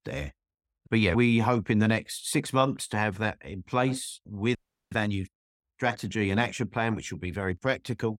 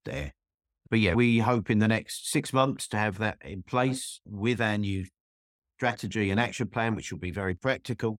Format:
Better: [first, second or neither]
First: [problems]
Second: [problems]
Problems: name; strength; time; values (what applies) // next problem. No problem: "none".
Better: second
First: audio freezing; at 4.5 s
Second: none